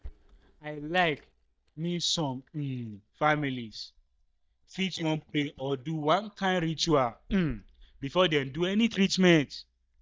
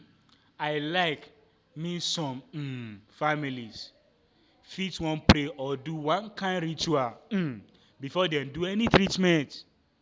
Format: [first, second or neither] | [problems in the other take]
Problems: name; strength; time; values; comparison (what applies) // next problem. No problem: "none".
second | noise reduction (neural mask model DeepFilterNet 3)